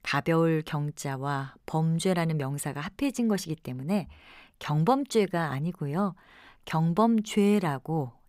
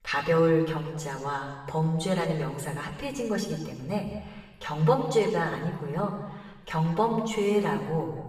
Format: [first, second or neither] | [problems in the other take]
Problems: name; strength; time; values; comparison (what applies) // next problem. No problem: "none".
first | room echo; noticeable; dies away in 1.2 s // off-mic speech; far